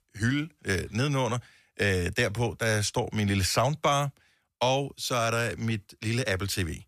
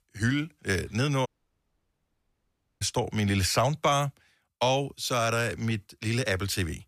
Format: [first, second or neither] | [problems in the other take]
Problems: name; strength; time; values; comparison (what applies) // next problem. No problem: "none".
first | audio cutting out; at 1.5 s for 1.5 s